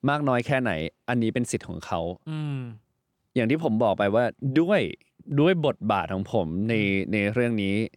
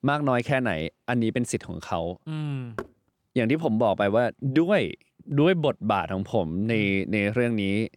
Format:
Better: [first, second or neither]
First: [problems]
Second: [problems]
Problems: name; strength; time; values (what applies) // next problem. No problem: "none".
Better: first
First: none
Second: door banging; faint; at 3 s; peak 15 dB below the speech